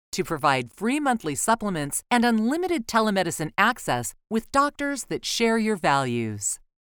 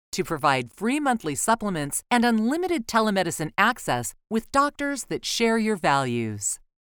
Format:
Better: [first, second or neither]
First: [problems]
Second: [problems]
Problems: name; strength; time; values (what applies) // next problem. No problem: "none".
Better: neither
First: none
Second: none